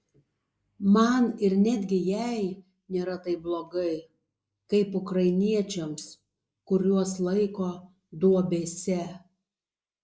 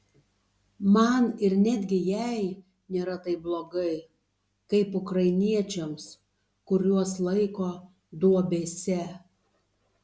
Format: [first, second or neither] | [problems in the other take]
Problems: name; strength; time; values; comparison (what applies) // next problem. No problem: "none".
second | noise reduction (neural mask model Resemble Enhance denoiser)